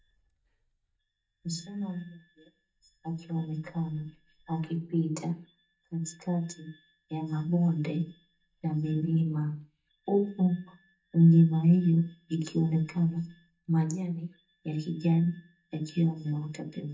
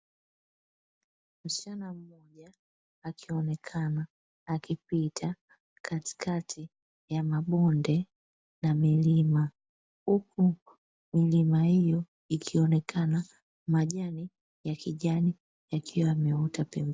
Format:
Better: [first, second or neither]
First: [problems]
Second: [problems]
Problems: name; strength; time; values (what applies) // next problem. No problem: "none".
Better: second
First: noise reduction (neural mask model DeepFilterNet 3)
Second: none